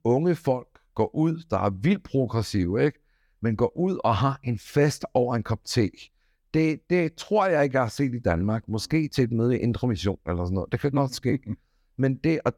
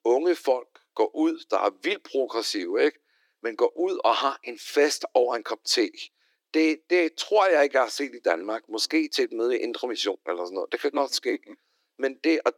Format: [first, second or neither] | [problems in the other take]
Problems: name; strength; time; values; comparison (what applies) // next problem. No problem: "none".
first | thin; very; fading below 300 Hz